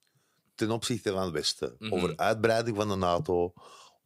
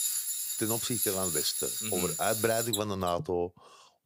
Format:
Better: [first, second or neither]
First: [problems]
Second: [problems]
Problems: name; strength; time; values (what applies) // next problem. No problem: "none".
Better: first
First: none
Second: machinery noise; very loud; until 3 s; 2 dB above the speech